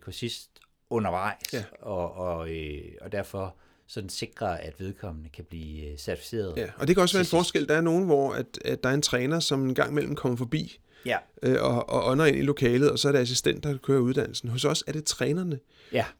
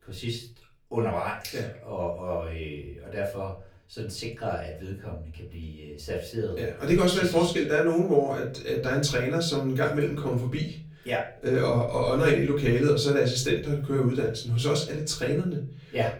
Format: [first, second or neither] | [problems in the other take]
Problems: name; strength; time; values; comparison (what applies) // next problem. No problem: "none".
first | room echo; slight; dies away in 0.4 s // off-mic speech; far